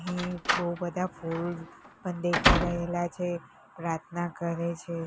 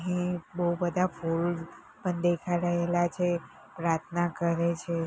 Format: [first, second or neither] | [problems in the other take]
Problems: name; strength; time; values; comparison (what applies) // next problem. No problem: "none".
second | background sound (Slam); 2 dB above the speech